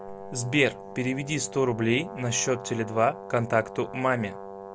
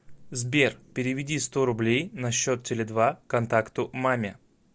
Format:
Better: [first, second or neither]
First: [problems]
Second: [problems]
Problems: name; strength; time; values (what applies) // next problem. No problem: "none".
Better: second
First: background sound (Brass instrument); 13 dB below the speech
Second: none